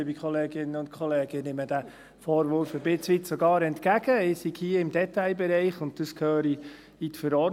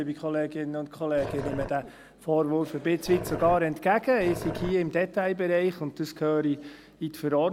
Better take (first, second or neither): first